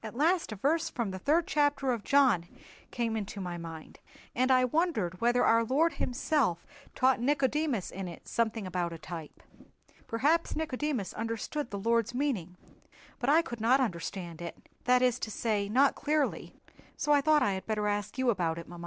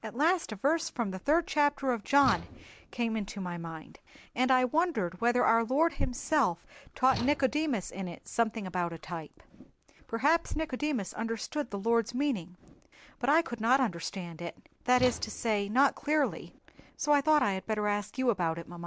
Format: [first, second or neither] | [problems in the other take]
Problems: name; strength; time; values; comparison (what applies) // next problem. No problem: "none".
first | background sound (Slam / Tools); 14 dB below the speech